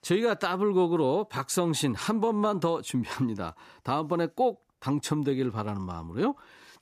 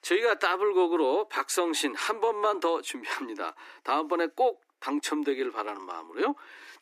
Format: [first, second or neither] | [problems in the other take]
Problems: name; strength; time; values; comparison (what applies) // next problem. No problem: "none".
first | thin; somewhat; fading below 300 Hz